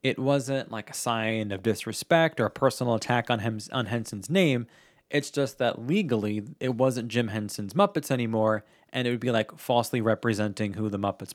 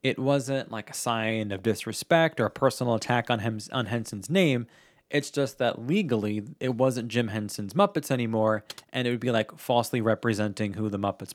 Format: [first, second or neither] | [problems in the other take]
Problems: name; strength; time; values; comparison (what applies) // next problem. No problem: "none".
first | keyboard typing; faint; at 8.5 s; peak 15 dB below the speech